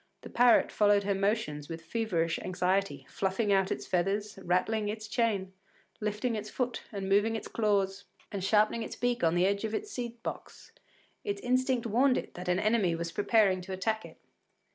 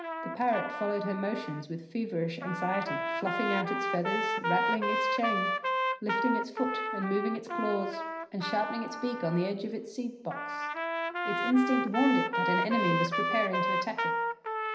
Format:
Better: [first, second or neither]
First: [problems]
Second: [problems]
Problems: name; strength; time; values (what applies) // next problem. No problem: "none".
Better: first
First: none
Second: background sound (Trumpet); as loud as the speech // room echo; dies away in 0.9 s